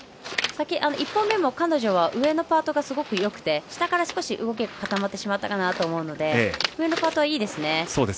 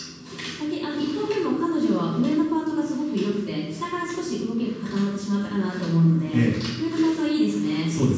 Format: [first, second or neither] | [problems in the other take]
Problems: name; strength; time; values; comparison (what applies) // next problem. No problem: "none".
first | room echo; dies away in 1.2 s